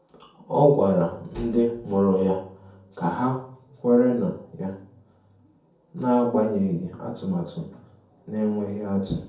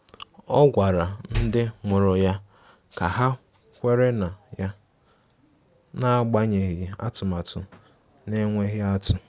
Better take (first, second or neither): second